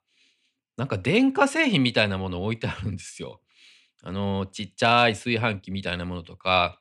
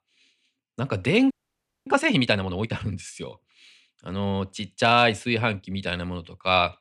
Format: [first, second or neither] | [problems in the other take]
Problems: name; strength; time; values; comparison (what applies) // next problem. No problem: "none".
first | audio freezing; at 1.5 s for 0.5 s